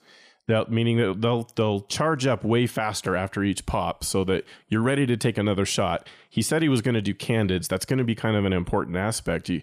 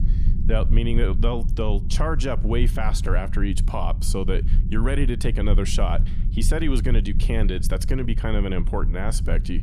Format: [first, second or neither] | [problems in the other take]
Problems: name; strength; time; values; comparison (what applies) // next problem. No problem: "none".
first | low rumble; noticeable; throughout; 10 dB below the speech